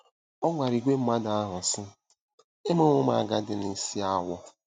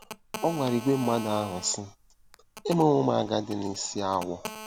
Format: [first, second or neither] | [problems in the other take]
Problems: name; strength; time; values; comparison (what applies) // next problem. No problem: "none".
first | background sound (Telephone); 15 dB below the speech